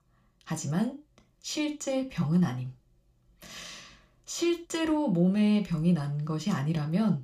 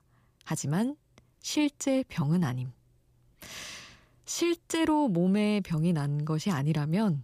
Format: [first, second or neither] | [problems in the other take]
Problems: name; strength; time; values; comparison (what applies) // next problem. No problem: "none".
second | room echo; very slight; dies away in 0.3 s